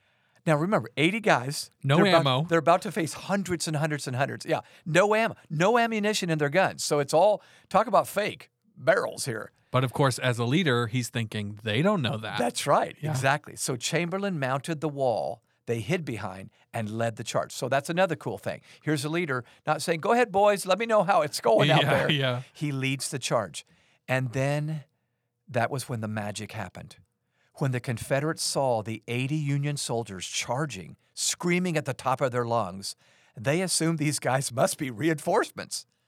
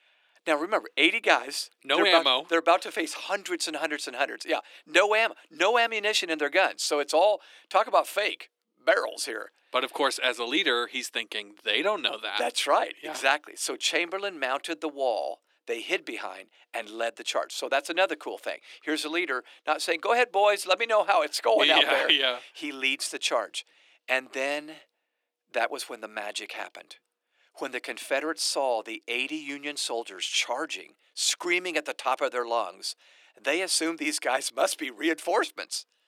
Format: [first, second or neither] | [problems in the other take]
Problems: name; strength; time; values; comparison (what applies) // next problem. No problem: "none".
first | thin; very; fading below 300 Hz